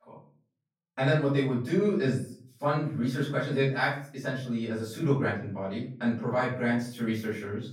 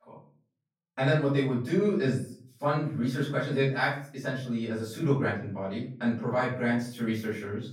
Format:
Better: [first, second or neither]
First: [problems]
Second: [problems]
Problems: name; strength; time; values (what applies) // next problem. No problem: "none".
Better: neither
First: off-mic speech; far // room echo; noticeable; dies away in 0.5 s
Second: off-mic speech; far // room echo; noticeable; dies away in 0.5 s